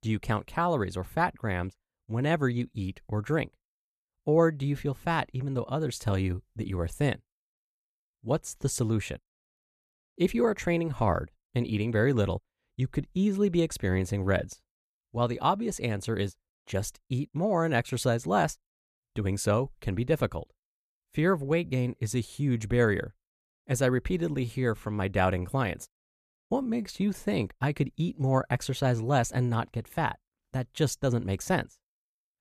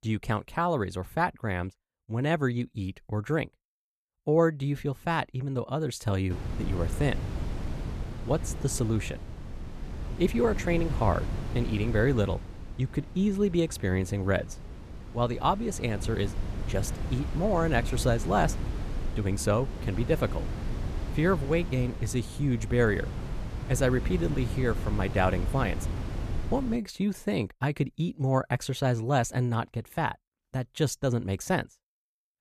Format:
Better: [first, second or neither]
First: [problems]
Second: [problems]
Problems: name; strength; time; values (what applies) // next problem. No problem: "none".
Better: first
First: none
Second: wind noise on the microphone; occasional gusts; from 6.5 to 27 s; 15 dB below the speech